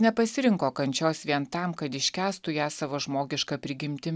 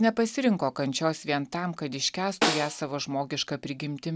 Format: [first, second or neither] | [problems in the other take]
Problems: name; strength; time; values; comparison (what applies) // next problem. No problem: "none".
first | background sound (Snare drum); 4 dB below the speech